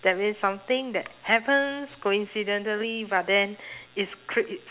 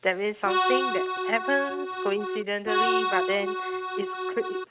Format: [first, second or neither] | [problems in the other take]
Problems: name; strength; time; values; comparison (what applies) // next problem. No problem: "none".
first | noise reduction (neural mask model RNNoise)